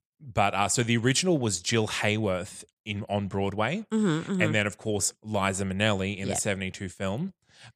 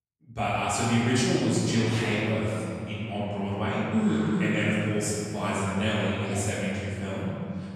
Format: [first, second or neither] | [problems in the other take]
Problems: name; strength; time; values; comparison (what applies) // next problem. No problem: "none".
first | off-mic speech; far // room echo; strong; dies away in 2.9 s